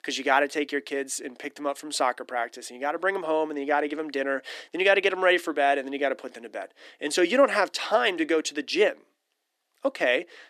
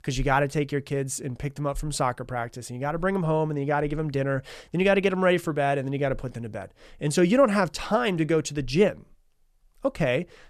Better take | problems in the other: second | thin; somewhat; fading below 300 Hz

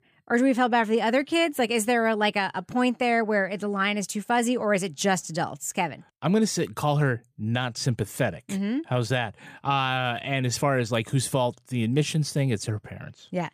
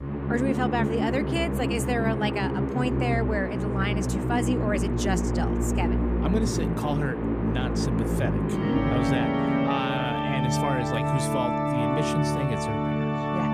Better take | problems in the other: first | background music; very loud; throughout; 4 dB above the speech

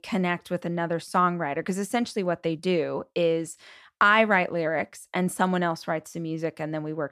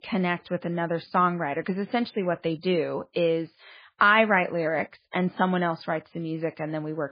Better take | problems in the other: first | garbled, watery; badly; nothing above 4.5 kHz

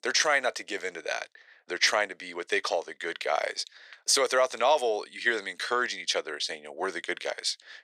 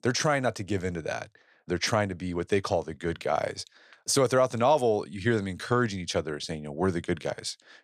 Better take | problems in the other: second | thin; very; fading below 450 Hz

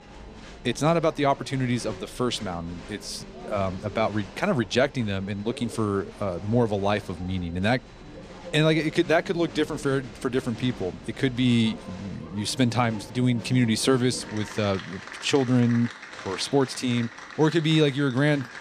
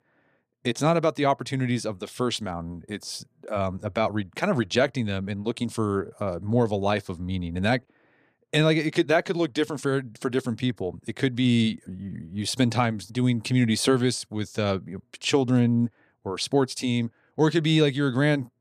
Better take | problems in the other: second | crowd noise; noticeable; throughout; 15 dB below the speech

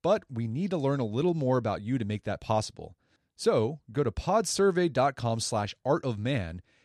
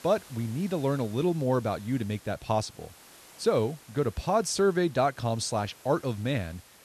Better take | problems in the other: first | hiss; faint; throughout; 20 dB below the speech

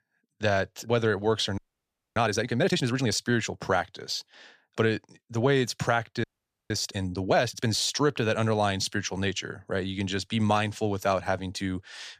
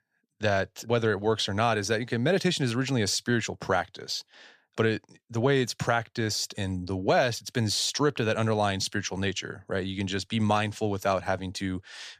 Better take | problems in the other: second | audio freezing; at 1.5 s for 0.5 s and at 6 s

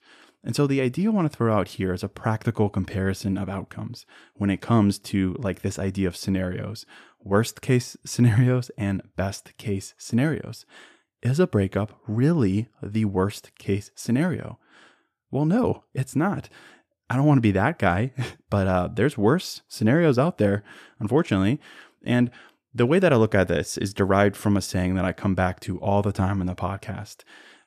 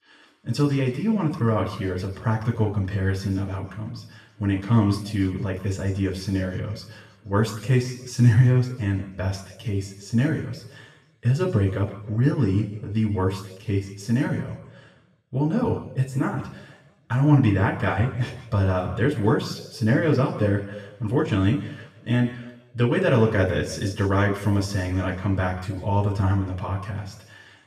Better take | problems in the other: first | room echo; noticeable; dies away in 1 s // off-mic speech; far

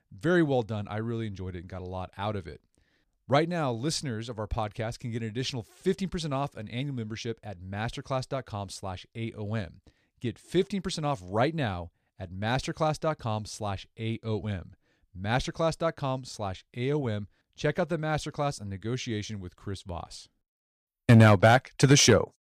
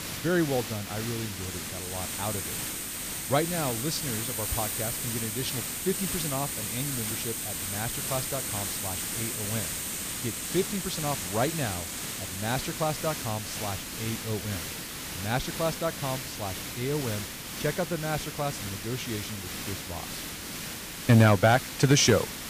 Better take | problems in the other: first | hiss; loud; throughout; 3 dB below the speech

